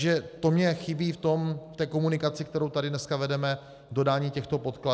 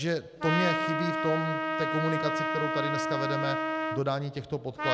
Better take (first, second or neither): first